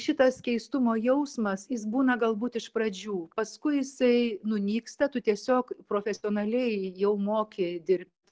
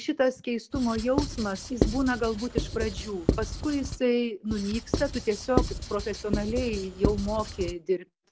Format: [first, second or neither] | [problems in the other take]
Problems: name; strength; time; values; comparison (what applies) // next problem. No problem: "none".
first | background sound (Writing); 2 dB below the speech